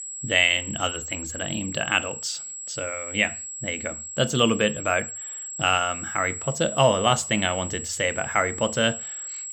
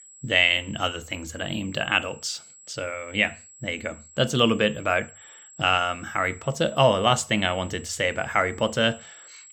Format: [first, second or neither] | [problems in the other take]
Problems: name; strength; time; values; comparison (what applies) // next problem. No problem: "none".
second | high-pitched whine; loud; throughout; 7.5 kHz, 8 dB below the speech; faint in the second